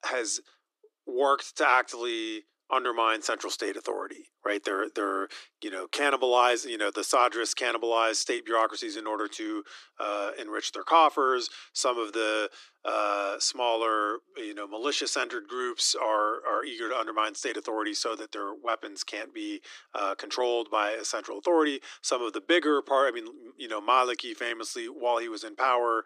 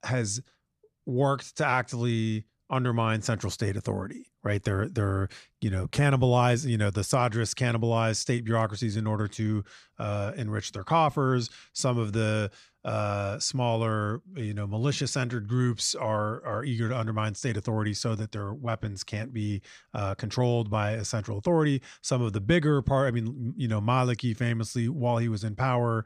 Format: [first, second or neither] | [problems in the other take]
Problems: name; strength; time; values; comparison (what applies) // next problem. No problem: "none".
second | thin; very; fading below 300 Hz